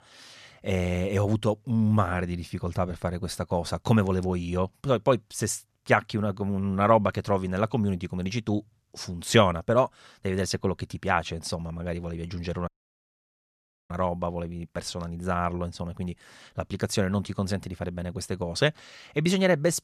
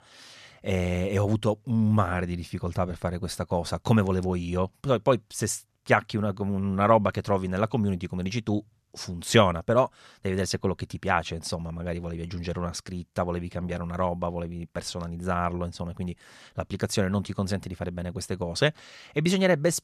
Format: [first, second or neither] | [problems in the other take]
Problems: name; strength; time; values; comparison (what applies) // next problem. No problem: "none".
second | audio cutting out; at 13 s for 1 s